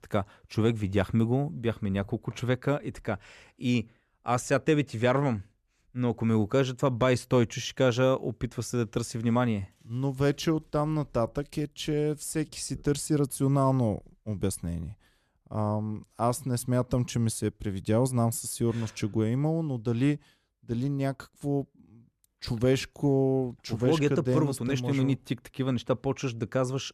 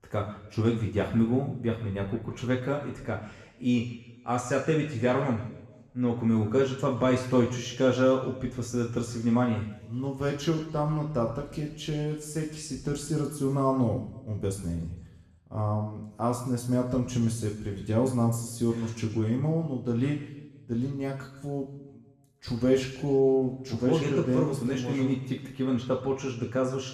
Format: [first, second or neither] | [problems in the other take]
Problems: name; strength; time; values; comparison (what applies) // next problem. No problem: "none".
first | room echo; noticeable; dies away in 0.9 s // off-mic speech; far